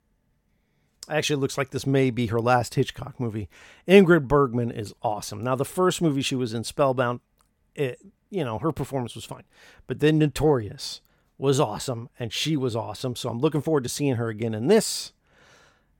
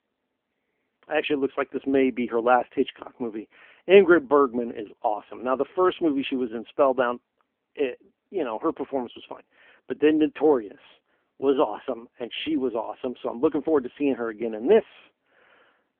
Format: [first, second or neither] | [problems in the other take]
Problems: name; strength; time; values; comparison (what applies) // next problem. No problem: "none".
first | phone-call audio; poor line; nothing above 3.5 kHz